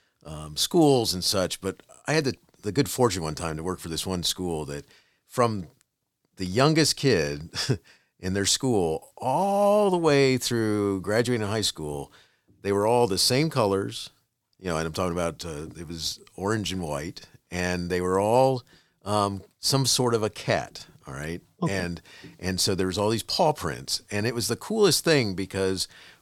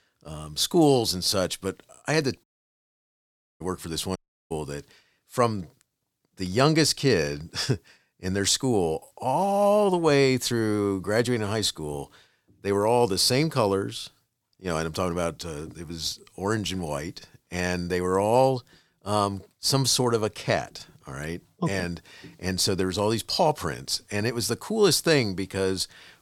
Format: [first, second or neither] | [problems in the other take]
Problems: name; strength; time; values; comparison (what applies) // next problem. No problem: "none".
first | audio cutting out; at 2.5 s for 1 s and at 4 s